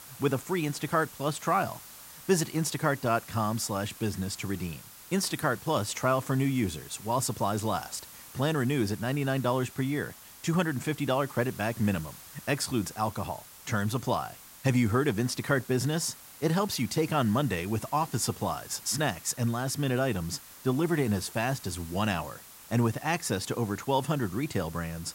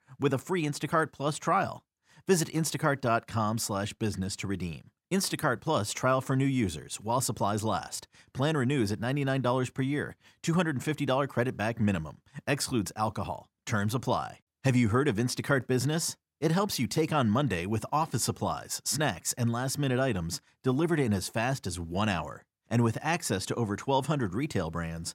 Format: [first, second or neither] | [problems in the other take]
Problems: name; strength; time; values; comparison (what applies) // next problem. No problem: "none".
second | hiss; noticeable; throughout; 15 dB below the speech